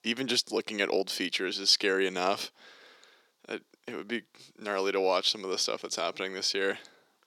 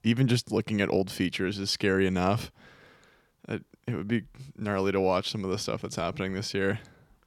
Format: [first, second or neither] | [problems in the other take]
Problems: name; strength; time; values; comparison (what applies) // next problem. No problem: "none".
second | thin; somewhat; fading below 300 Hz